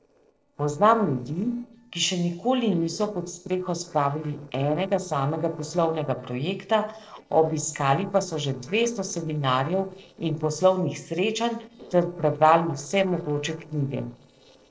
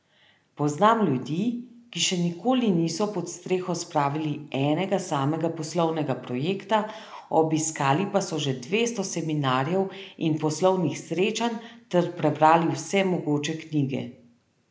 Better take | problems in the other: second | noise reduction (neural separator model SepFormer DNS4)

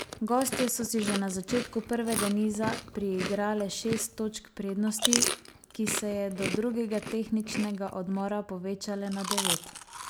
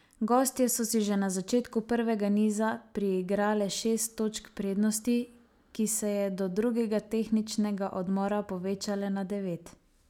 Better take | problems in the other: second | background sound (Chewing, mastication); 5 dB below the speech

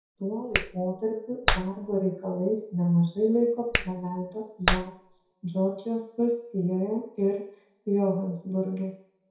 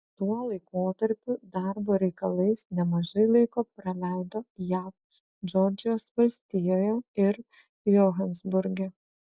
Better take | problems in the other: second | background sound (Clapping); 3 dB below the speech // room echo; dies away in 0.6 s

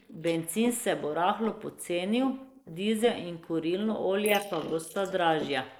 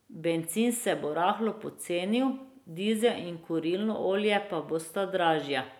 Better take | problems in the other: second | noise reduction (neural mask model Resemble Enhance denoiser)

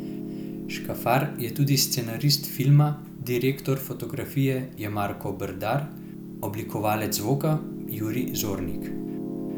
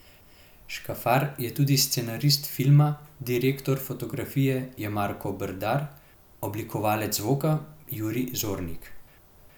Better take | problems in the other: second | background sound (Piano); 9 dB below the speech

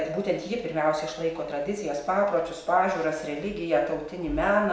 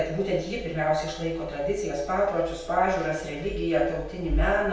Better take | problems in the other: first | room echo; dies away in 0.2 s

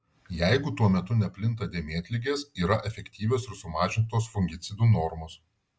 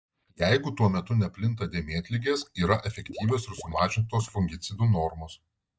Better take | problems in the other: first | noise reduction (neural mask model DeepFilterNet 3)

